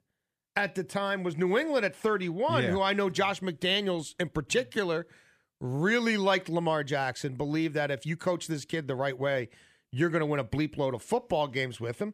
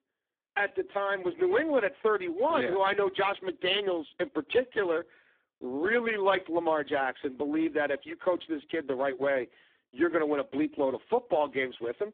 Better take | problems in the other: first | phone-call audio; poor line

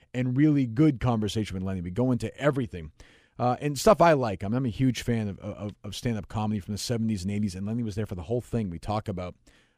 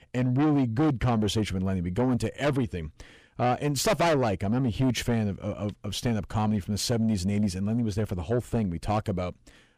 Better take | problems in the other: first | distortion; heavy; 7 dB below the speech

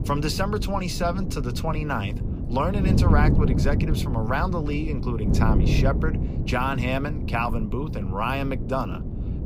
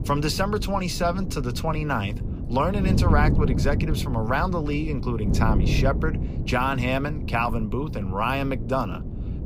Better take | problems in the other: second | wind noise on the microphone; heavy; 8 dB below the speech; occasional gusts in the second

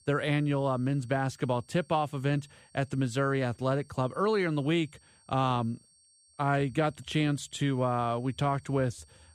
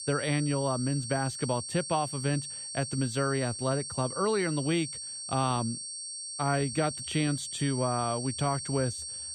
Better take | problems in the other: first | high-pitched whine; loud; throughout; 8.5 kHz, 5 dB below the speech; faint in the first

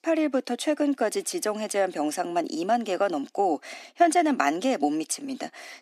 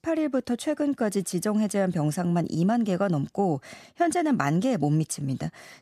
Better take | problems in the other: second | thin; somewhat; fading below 250 Hz

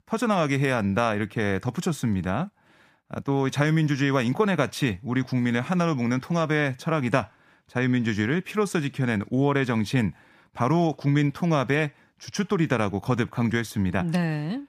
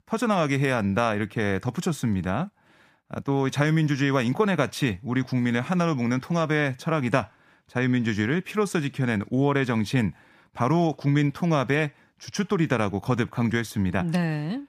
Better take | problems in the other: neither | none

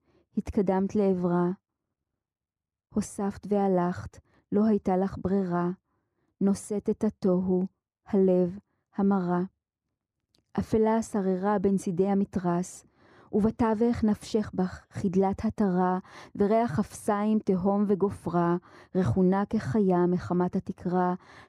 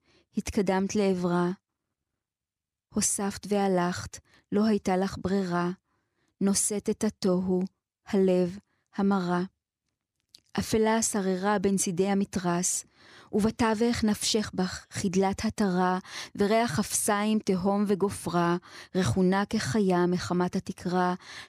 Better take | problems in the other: second | muffled; very; fading above 1.5 kHz

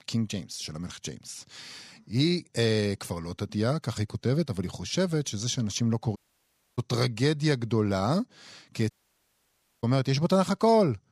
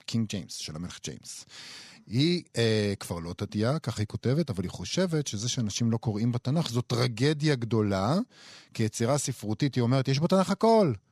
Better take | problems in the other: second | audio cutting out; at 6 s for 0.5 s and at 9 s for 1 s

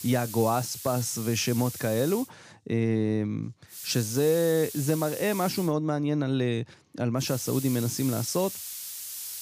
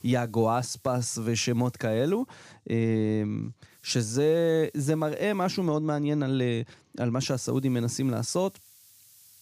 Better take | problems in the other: second | hiss; loud; until 2 s, from 3.5 to 5.5 s and from 7 s on; 9 dB below the speech; faint in the second

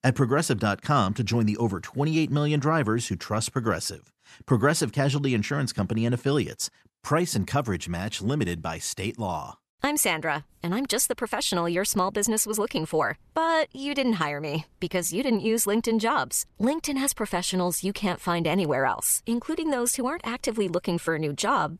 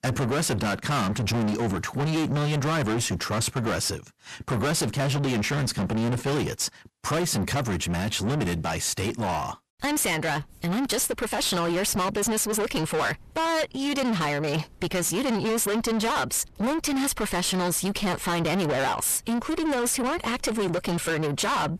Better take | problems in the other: first | distortion; heavy; 5 dB below the speech

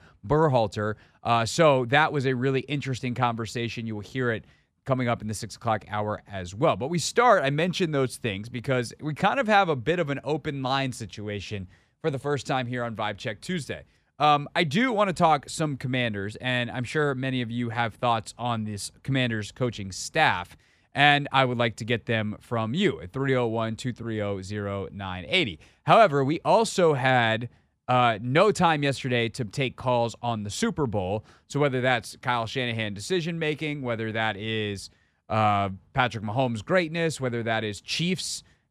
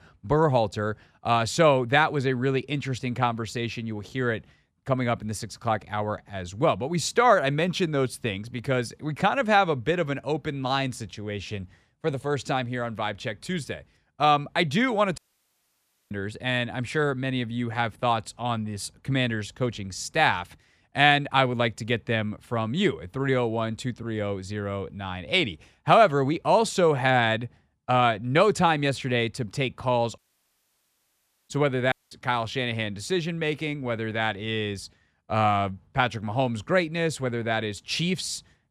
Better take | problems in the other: first | audio cutting out; at 15 s for 1 s, at 30 s for 1.5 s and at 32 s

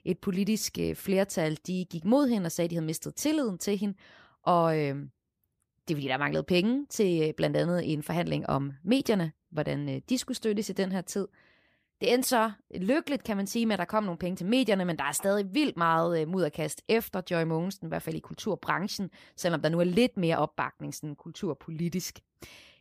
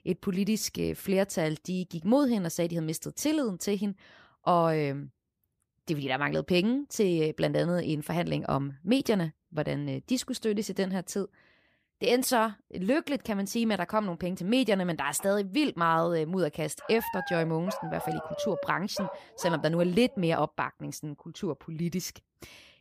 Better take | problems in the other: first | dog barking; noticeable; from 17 to 20 s; peak 6 dB below the speech

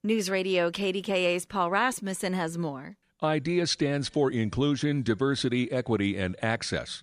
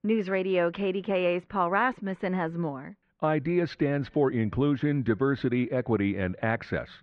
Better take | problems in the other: first | muffled; very; fading above 2 kHz

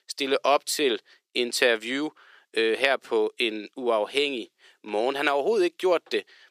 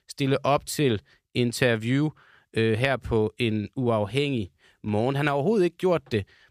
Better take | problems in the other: second | thin; somewhat; fading below 350 Hz

